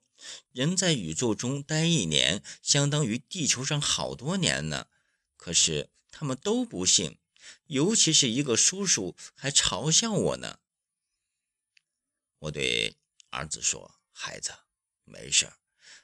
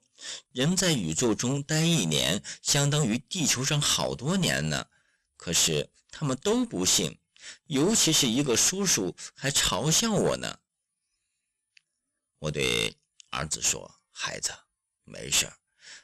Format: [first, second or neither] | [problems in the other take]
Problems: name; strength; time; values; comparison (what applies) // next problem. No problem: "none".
first | distortion; heavy; 9% of the sound clipped